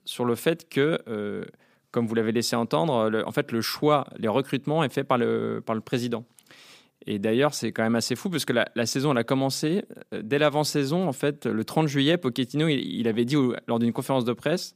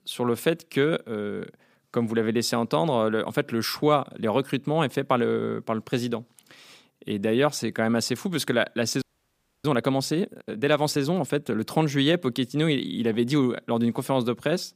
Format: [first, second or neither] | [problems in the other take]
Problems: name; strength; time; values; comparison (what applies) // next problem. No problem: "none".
first | audio freezing; at 9 s for 0.5 s